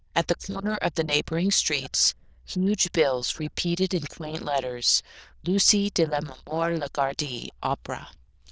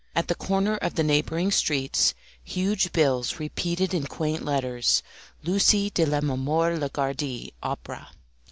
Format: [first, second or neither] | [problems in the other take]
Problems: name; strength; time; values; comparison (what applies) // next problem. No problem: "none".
second | noise reduction (neural diffusion model UNIVERSE++)